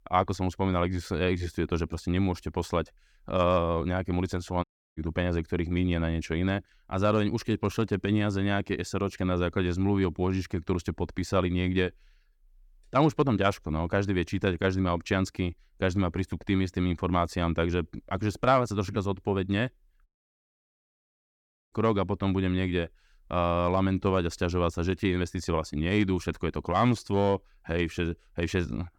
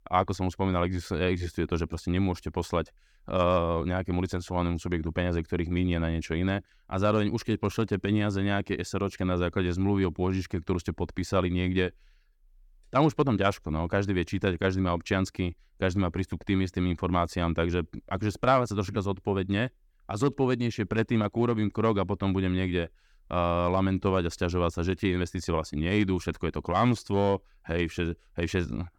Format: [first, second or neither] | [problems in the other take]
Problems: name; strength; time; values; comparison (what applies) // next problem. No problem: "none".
second | audio cutting out; at 4.5 s and at 20 s for 1.5 s